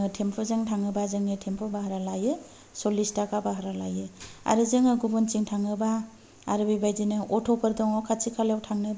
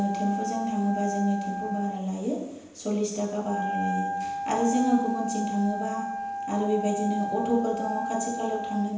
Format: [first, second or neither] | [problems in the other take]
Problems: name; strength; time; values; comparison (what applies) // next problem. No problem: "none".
first | background sound (Wind instrument, woodwind instrument); 4 dB below the speech // room echo; dies away in 0.9 s